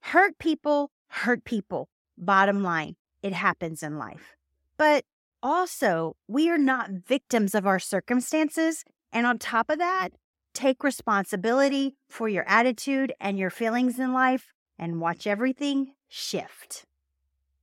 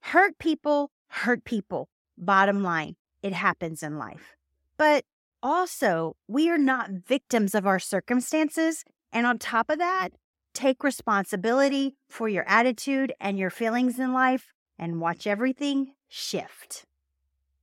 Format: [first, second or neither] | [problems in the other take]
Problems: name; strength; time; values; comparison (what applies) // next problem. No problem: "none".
neither | none